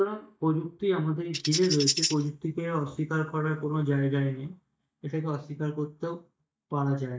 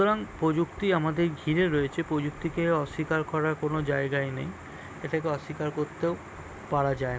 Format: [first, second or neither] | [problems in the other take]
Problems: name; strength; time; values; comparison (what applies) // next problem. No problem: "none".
second | noise reduction (neural mask model DeepFilterNet 3)